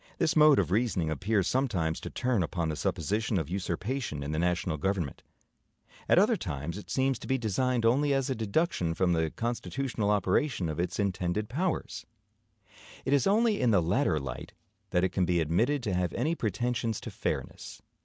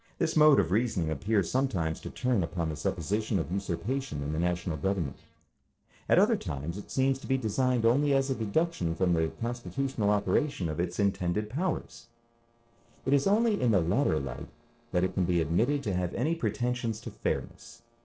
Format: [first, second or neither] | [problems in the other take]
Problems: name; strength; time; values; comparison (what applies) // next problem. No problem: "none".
first | noise reduction (neural separator model SepFormer DNS4)